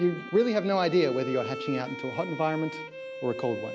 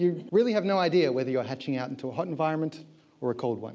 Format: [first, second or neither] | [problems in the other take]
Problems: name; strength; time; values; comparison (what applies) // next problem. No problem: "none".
second | background sound (Bowed string instrument); 10 dB below the speech